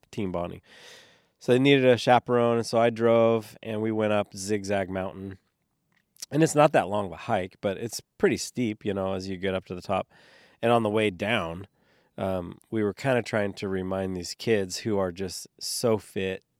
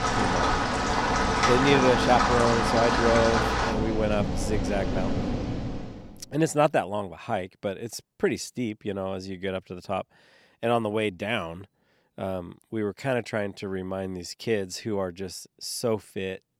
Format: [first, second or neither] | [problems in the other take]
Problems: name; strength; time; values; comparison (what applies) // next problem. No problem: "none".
first | rain or running water; very loud; until 5.5 s; 3 dB above the speech